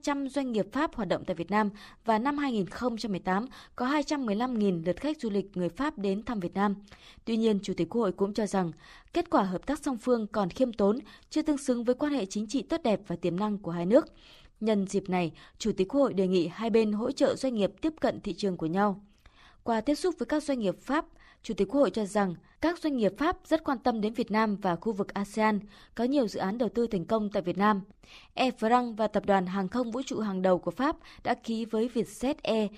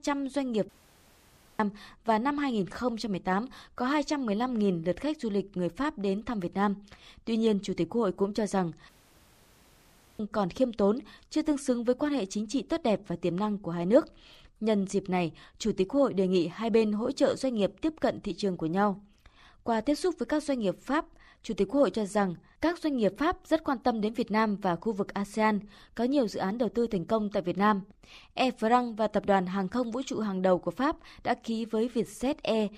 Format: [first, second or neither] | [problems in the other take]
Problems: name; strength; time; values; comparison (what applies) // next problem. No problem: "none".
first | audio cutting out; at 0.5 s for 1 s and at 9 s for 1.5 s